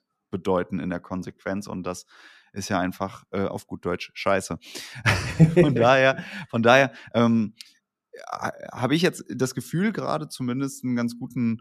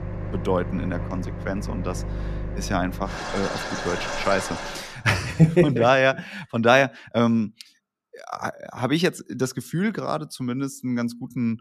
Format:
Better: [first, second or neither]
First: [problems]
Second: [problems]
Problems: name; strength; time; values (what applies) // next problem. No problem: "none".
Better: first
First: none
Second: household noises; loud; until 4.5 s; 7 dB below the speech